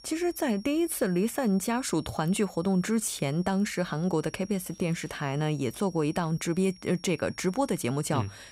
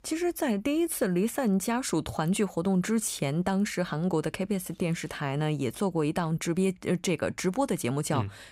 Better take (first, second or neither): second